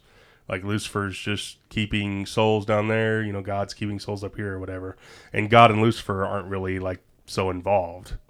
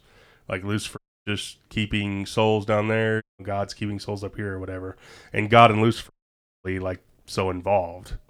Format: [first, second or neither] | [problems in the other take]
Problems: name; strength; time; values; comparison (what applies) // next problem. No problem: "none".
first | audio cutting out; at 1 s, at 3 s and at 6 s for 0.5 s